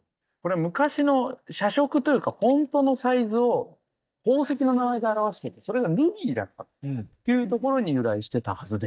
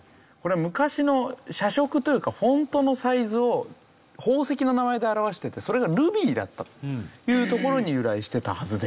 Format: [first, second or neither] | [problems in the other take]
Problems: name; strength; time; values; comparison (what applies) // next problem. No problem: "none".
second | noise reduction (neural mask model DeepFilterNet 3)